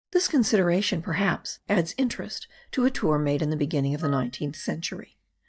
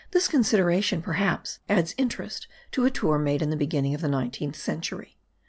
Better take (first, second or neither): second